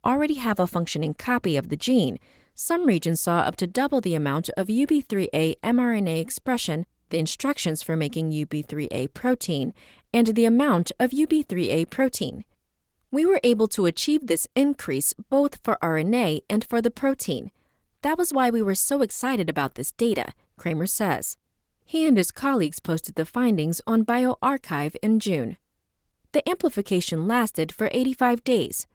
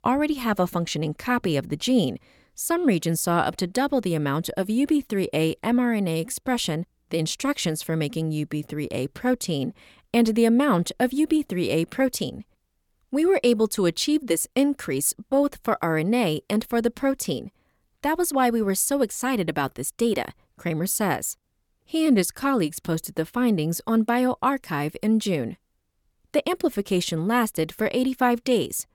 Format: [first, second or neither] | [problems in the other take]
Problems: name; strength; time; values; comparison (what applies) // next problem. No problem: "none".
second | garbled, watery; slightly; nothing above 19 kHz